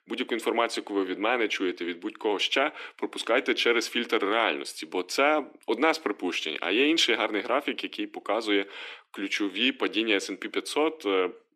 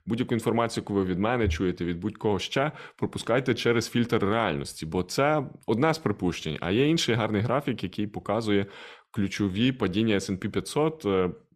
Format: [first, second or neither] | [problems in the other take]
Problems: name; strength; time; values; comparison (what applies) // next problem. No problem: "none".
second | thin; somewhat; fading below 300 Hz